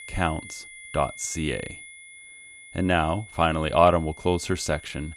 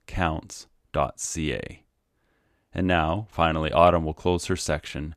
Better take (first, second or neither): second